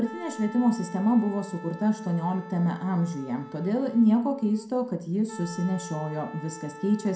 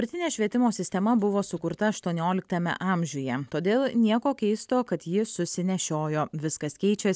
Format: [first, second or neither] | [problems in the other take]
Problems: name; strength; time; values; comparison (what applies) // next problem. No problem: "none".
second | background sound (Wind instrument, woodwind instrument); 17 dB below the speech // room echo; dies away in 0.4 s